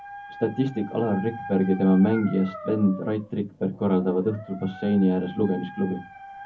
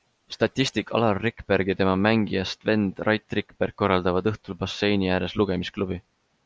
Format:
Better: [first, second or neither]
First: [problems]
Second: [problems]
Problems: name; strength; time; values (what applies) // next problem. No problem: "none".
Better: second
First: background sound (Dog); 16 dB below the speech // room echo; dies away in 0.3 s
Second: none